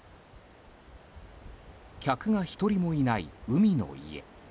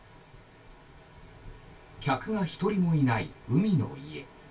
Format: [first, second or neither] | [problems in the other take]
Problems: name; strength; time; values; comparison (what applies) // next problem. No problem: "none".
first | room echo; dies away in 0.2 s